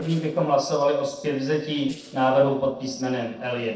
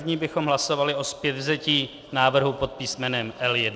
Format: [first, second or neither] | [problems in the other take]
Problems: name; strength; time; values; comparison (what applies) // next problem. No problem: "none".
second | noise reduction (neural separator model SepFormer DNS4)